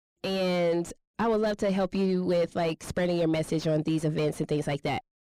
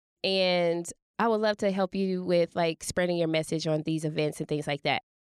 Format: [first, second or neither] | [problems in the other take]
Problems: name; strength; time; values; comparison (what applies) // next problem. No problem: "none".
second | distortion; heavy; 7 dB below the speech